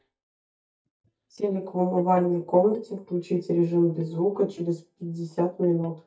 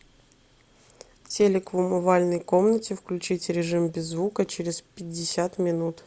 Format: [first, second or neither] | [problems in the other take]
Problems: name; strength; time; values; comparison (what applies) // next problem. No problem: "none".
second | noise reduction (neural mask model DeepFilterNet 3)